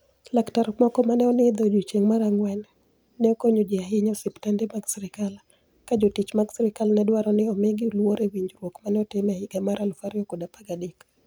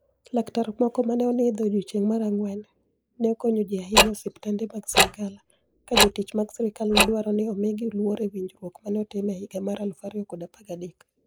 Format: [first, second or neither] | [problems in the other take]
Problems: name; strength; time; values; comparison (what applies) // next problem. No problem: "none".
first | noise reduction (neural mask model Resemble Enhance denoiser)